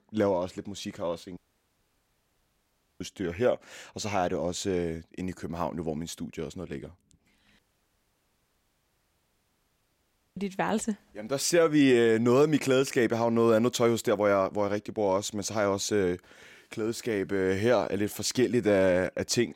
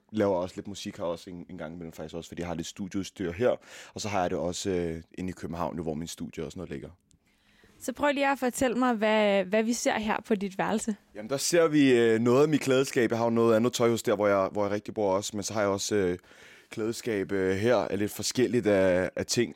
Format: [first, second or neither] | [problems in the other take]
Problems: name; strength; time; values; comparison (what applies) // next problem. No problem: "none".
second | audio cutting out; at 1.5 s for 1.5 s and at 7.5 s for 3 s